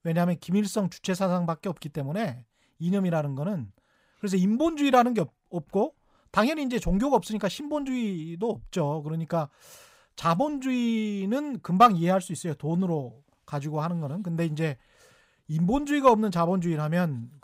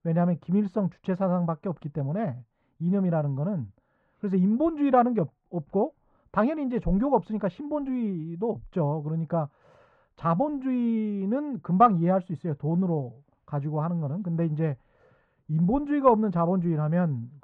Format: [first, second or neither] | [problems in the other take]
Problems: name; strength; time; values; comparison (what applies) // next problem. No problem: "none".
first | muffled; very; fading above 1 kHz